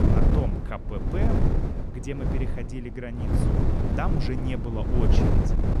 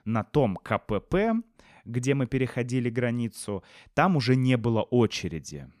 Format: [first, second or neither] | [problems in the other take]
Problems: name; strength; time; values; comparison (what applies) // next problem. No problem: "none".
second | wind noise on the microphone; heavy; 2 dB above the speech